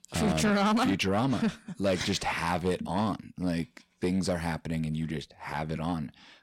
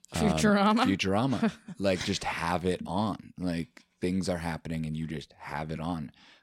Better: second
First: distortion; slight; 10 dB below the speech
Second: none

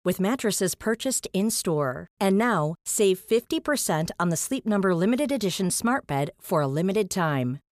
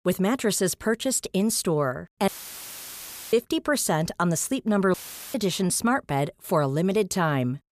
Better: first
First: none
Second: audio cutting out; filled with static; at 2.5 s for 1 s and at 5 s

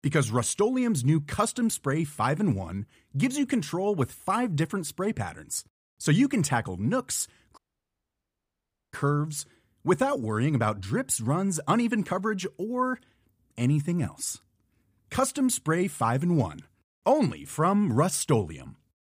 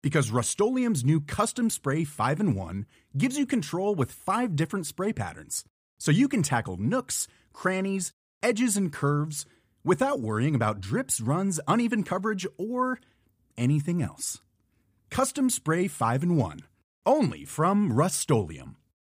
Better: second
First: audio cutting out; at 7.5 s for 1.5 s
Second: none

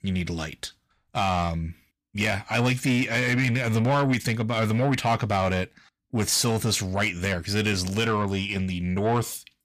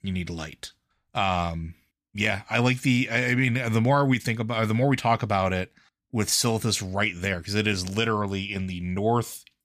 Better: second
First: distortion; slight; 10 dB below the speech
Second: none

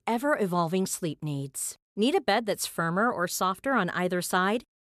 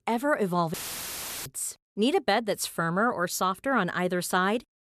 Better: first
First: none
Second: audio cutting out; filled with static; at 0.5 s for 0.5 s

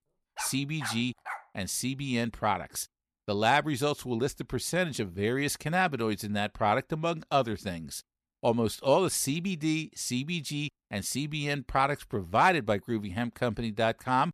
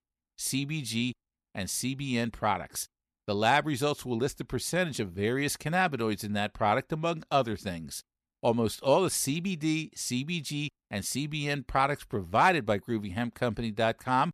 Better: second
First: dog barking; noticeable; until 1.5 s; peak 10 dB below the speech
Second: none

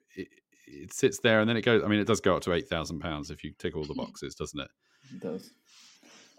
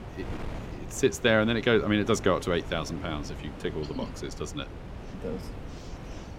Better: first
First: none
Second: wind noise on the microphone; occasional gusts; 15 dB below the speech

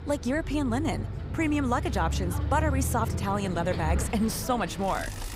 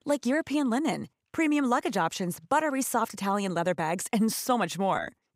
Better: second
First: traffic noise; loud; throughout; 3 dB below the speech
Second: none

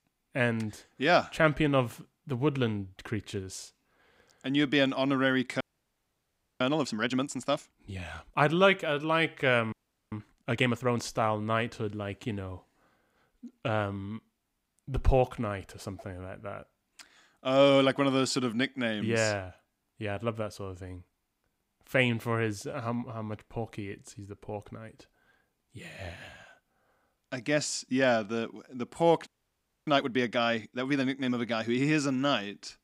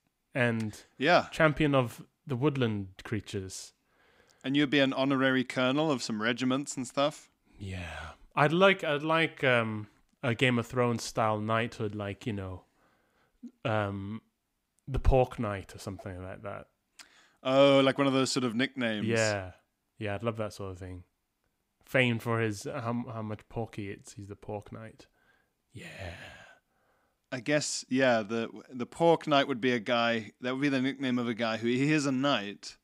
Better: second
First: audio freezing; at 5.5 s for 1 s, at 9.5 s and at 29 s for 0.5 s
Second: none

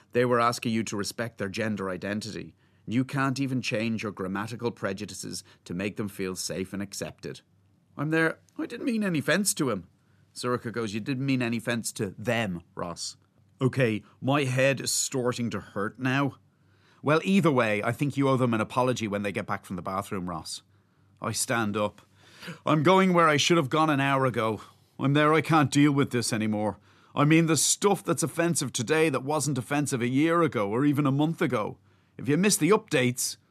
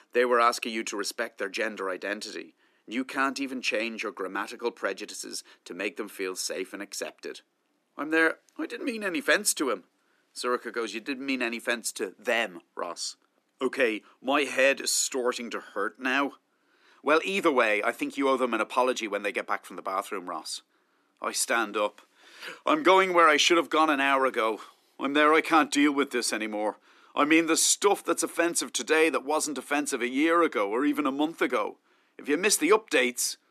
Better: first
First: none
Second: thin; somewhat; fading below 300 Hz

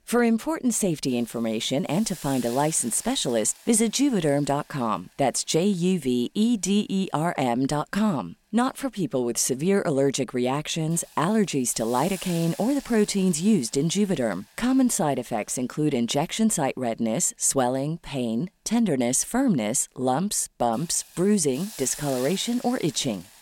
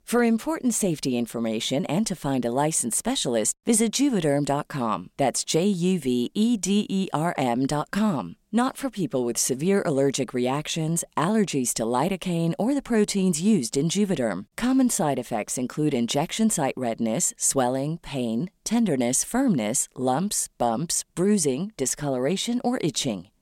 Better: second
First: hiss; noticeable; throughout; 20 dB below the speech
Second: none

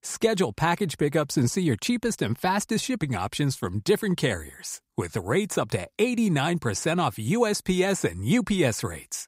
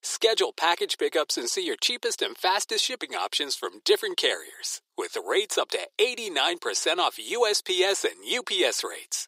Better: first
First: none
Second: thin; very; fading below 350 Hz

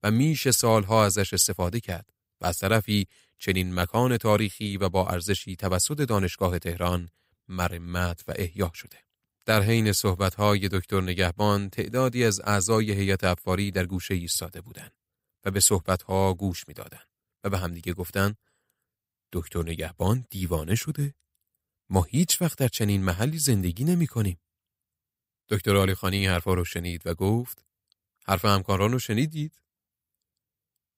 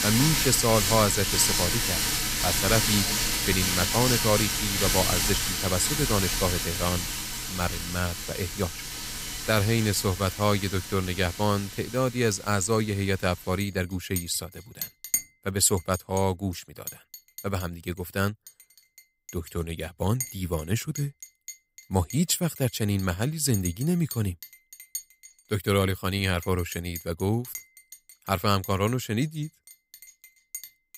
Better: first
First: none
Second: household noises; loud; throughout; as loud as the speech

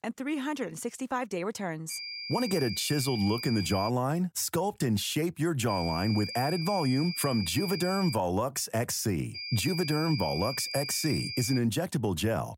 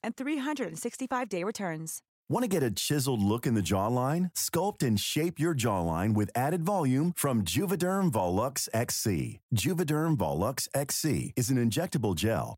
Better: second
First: high-pitched whine; loud; from 2 to 4 s, from 5.5 to 8 s and from 9.5 to 12 s; 5 kHz, 6 dB below the speech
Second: none

